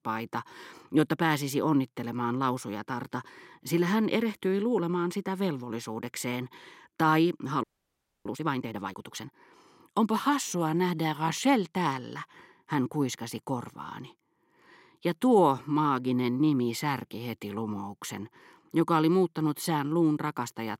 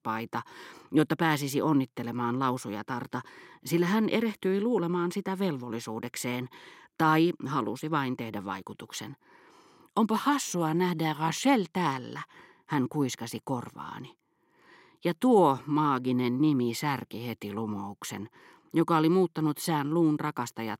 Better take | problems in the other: second | audio freezing; at 7.5 s for 0.5 s

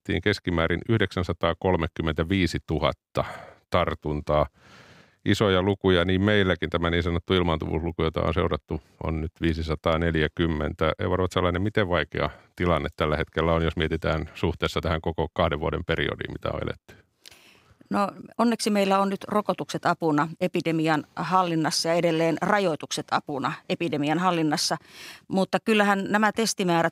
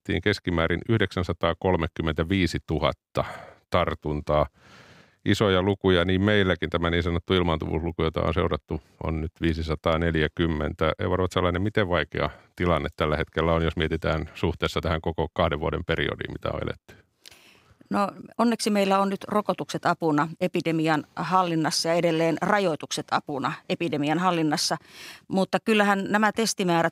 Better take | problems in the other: neither | none

